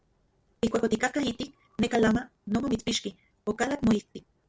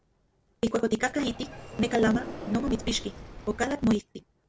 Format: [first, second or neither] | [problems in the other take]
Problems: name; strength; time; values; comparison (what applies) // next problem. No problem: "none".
first | background sound (Sliding door); 13 dB below the speech